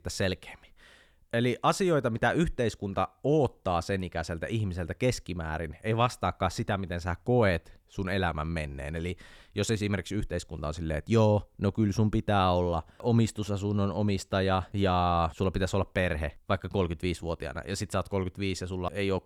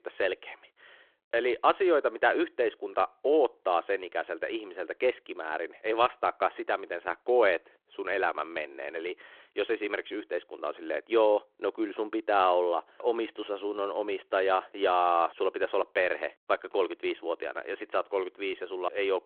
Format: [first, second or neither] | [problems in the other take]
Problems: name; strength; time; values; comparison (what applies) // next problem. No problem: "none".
first | phone-call audio